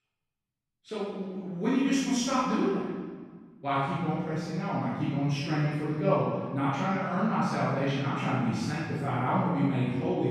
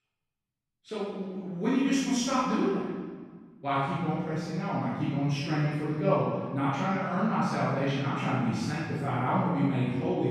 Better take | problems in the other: neither | off-mic speech; far; the same in both // room echo; strong; dies away in 1.6 s; the same in both

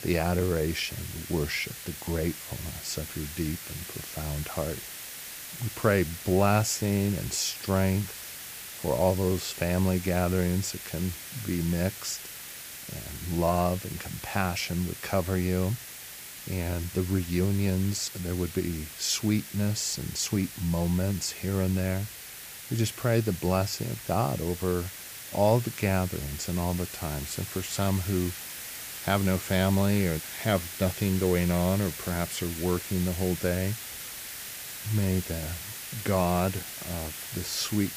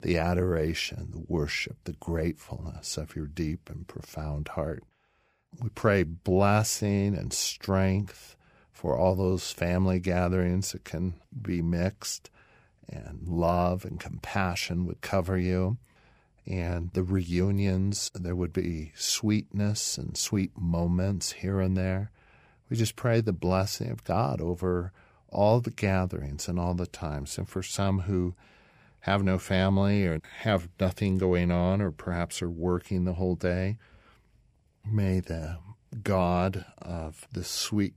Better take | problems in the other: second | hiss; loud; throughout; 9 dB below the speech

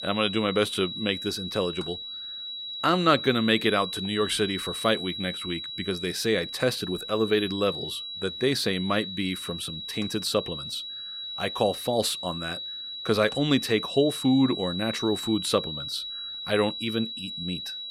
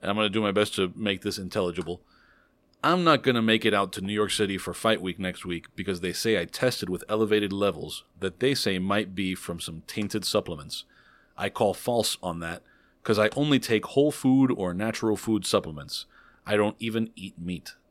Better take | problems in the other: second | high-pitched whine; loud; throughout; 4 kHz, 6 dB below the speech

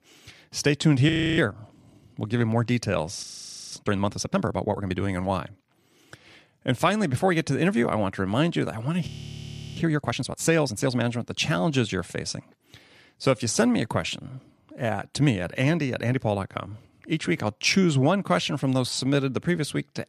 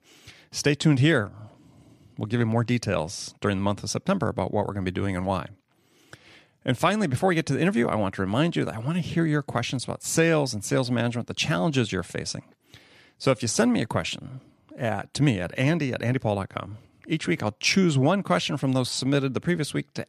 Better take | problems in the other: second | audio freezing; at 1 s, at 3 s and at 9 s for 0.5 s

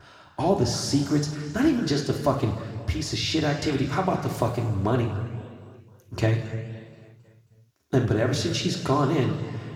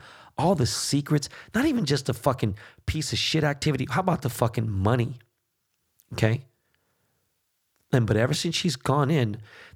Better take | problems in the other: second | room echo; noticeable; dies away in 1.9 s // off-mic speech; somewhat distant

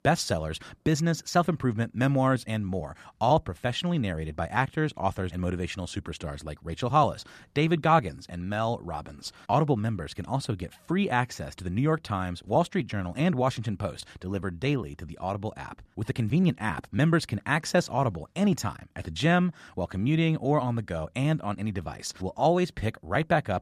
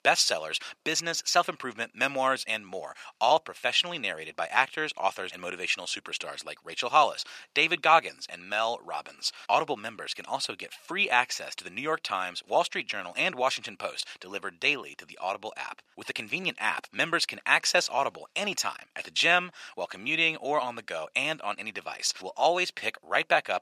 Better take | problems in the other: first | thin; very; fading below 600 Hz

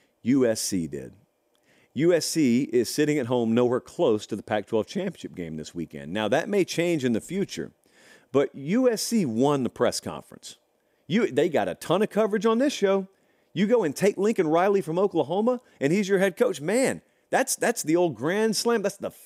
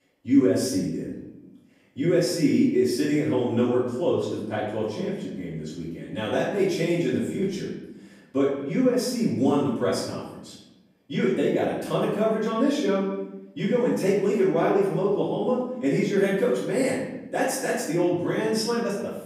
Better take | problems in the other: first | off-mic speech; far // room echo; noticeable; dies away in 0.9 s

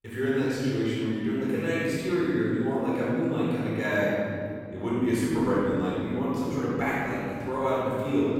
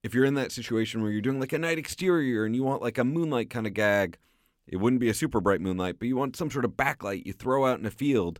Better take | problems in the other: second | off-mic speech; far // room echo; strong; dies away in 2.6 s

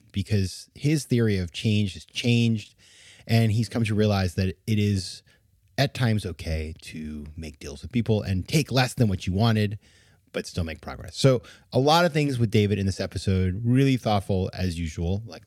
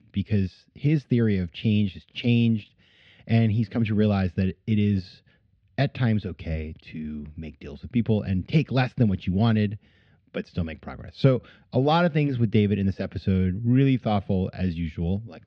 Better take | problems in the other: first | muffled; slightly; fading above 3.5 kHz

